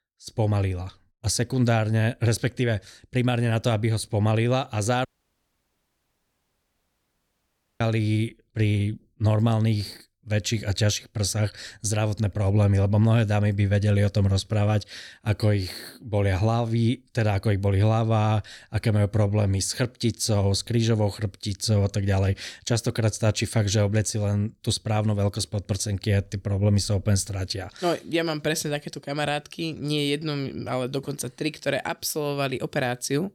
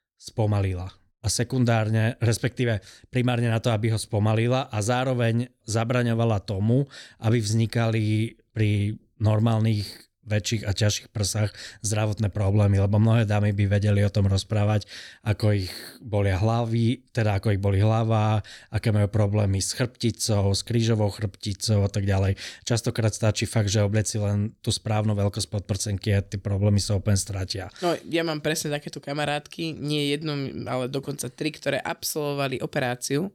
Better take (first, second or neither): second